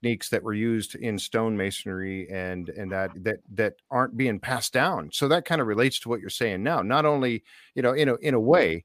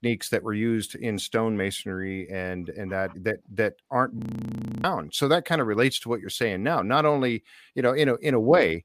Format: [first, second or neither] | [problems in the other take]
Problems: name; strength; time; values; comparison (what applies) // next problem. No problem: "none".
first | audio freezing; at 4 s for 0.5 s